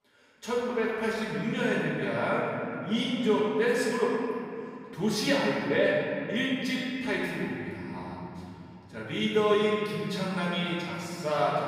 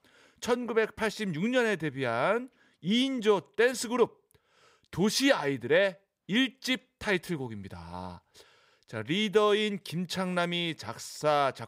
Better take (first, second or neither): second